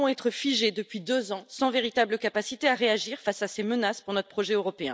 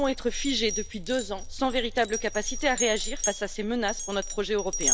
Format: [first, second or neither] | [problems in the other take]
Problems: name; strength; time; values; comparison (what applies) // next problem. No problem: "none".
first | background sound (Glass); 4 dB below the speech